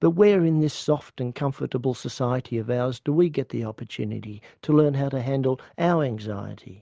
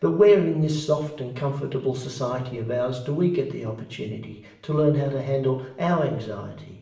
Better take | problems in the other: first | room echo; dies away in 0.7 s

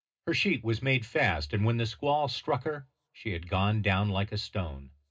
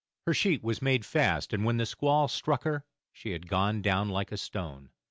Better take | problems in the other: second | room echo; dies away in 0.2 s

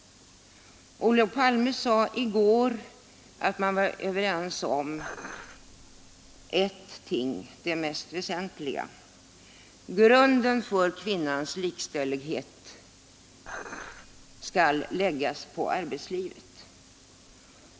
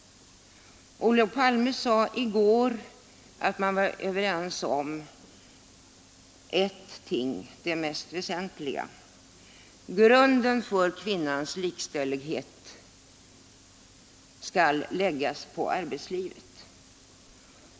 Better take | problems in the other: second | background sound (Dishes, pots, and pans); 16 dB below the speech

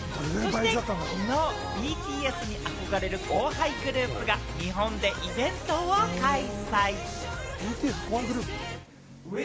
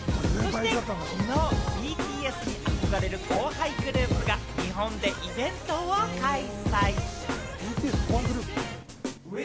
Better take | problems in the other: first | background sound (Snare drum / Drum kit); as loud as the speech

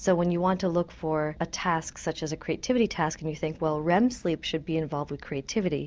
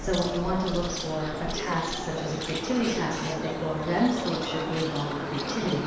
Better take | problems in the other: first | background sound (Bird); 4 dB below the speech // room echo; dies away in 1 s

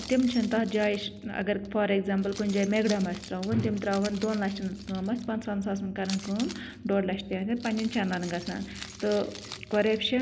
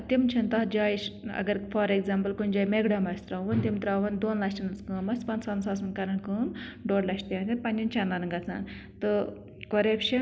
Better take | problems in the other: second | background sound (Keys jangling); 18 dB below the speech

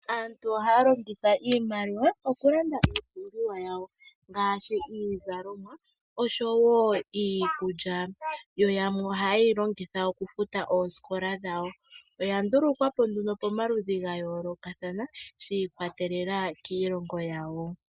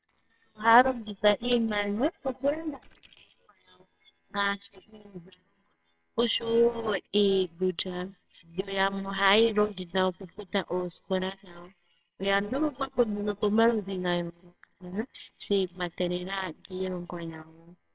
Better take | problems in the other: first | noise reduction (neural separator model SepFormer WHAMR!)

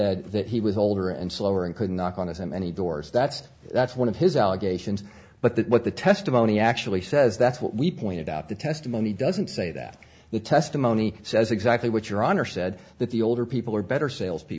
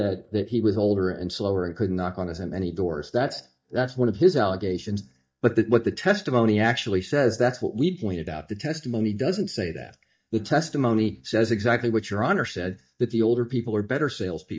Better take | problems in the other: first | noise reduction (neural mask model DeepFilterNet 3)

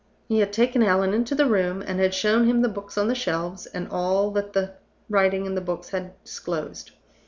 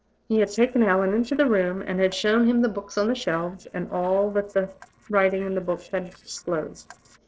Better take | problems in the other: first | noise reduction (neural separator model SepFormer DNS4)

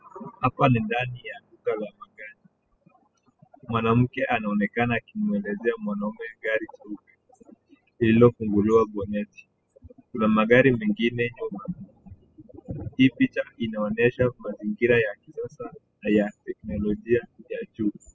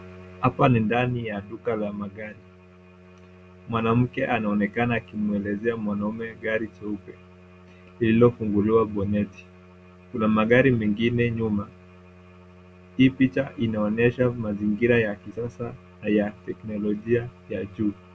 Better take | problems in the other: second | noise reduction (classical method spectral subtraction)

